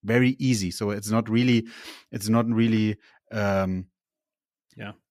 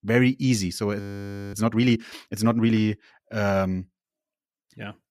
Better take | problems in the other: first | audio freezing; at 1 s for 0.5 s

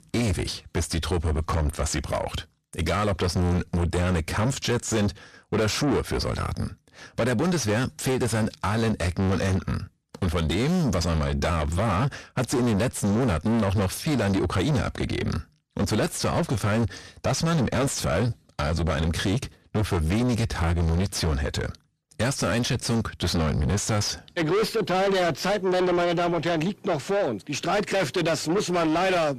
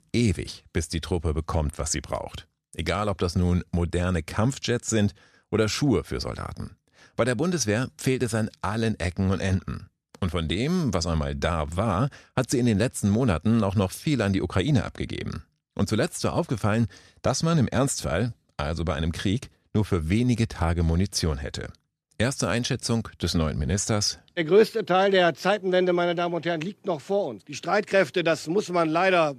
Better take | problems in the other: second | distortion; heavy; 5 dB below the speech

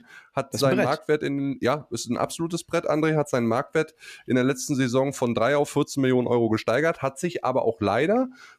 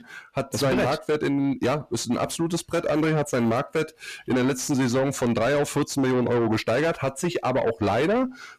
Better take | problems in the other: first | distortion; heavy; 8 dB below the speech

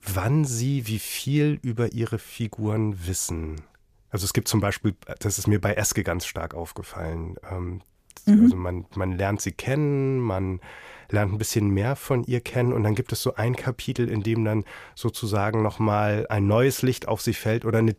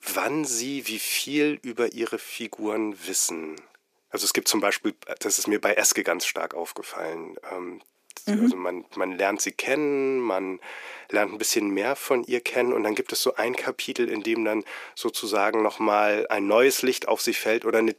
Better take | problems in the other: first | thin; somewhat; fading below 300 Hz

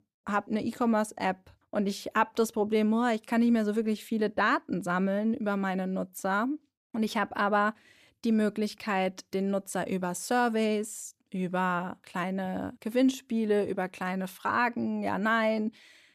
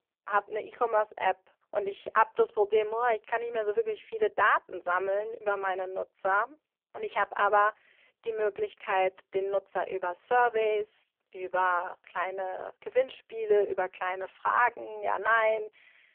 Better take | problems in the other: first | phone-call audio; poor line

